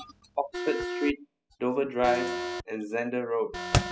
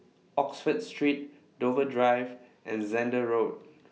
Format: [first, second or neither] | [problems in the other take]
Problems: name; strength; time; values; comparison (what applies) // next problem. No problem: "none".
second | noise reduction (classical method spectral subtraction)